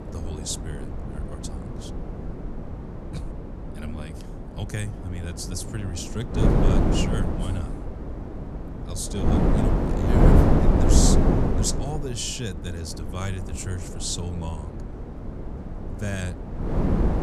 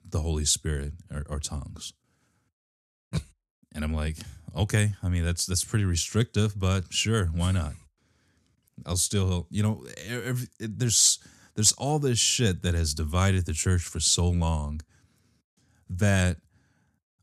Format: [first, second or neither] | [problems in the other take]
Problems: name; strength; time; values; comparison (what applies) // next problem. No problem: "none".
second | wind noise on the microphone; heavy; 3 dB above the speech